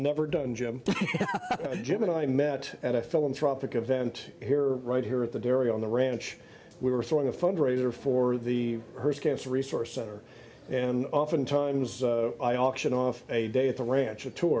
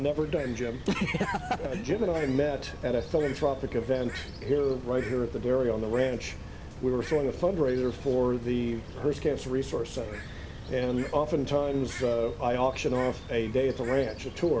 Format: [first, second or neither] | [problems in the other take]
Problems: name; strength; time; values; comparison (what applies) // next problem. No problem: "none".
first | background sound (Bird + Engine); 12 dB below the speech